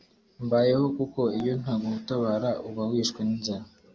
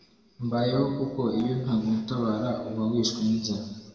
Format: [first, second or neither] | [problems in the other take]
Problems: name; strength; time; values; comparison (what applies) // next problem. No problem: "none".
first | room echo; dies away in 1.6 s